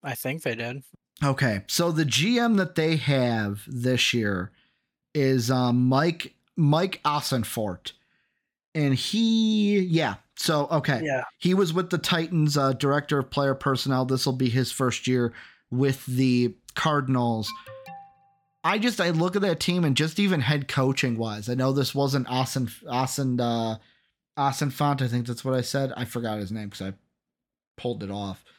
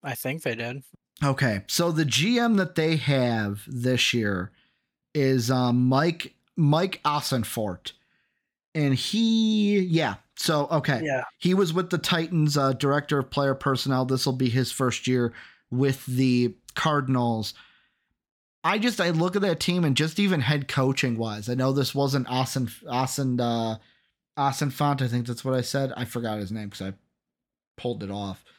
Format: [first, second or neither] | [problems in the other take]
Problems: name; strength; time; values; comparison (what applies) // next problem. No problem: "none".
second | alarm; faint; at 17 s; peak 15 dB below the speech